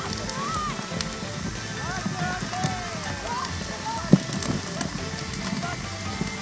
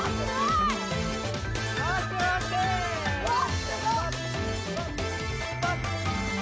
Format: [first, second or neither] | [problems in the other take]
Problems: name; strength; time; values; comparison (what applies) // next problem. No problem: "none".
second | background sound (Fire); 3 dB above the speech